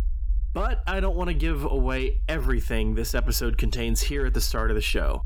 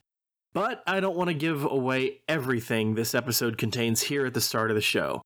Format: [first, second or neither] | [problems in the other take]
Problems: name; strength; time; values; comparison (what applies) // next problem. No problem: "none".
second | low rumble; faint; throughout; 25 dB below the speech